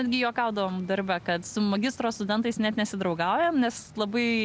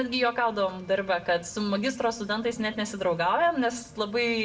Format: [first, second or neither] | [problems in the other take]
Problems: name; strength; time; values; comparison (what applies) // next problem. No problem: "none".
first | room echo; dies away in 0.5 s